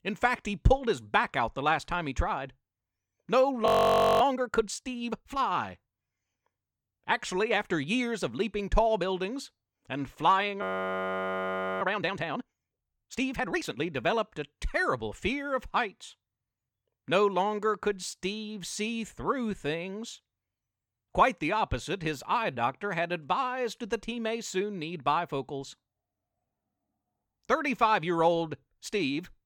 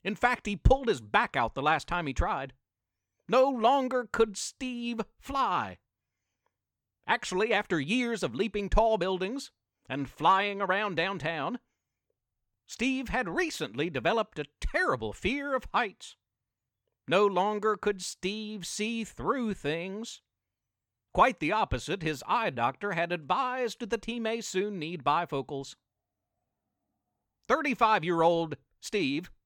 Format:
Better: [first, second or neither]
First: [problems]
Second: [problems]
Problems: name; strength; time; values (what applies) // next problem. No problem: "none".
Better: second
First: audio freezing; at 3.5 s for 0.5 s and at 11 s for 1 s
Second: none